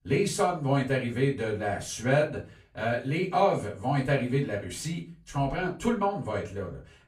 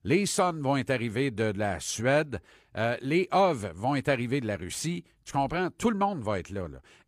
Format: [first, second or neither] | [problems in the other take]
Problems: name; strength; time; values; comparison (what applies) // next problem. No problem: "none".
second | off-mic speech; far // room echo; very slight; dies away in 0.3 s